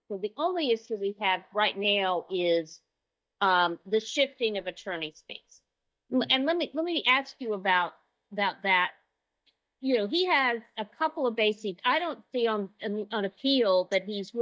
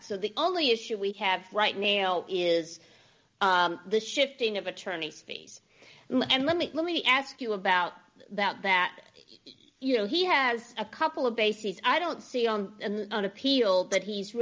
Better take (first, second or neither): second